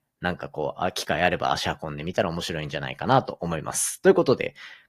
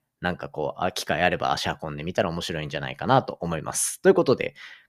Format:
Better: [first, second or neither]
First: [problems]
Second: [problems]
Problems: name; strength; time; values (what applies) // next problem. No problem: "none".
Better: second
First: garbled, watery; slightly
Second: none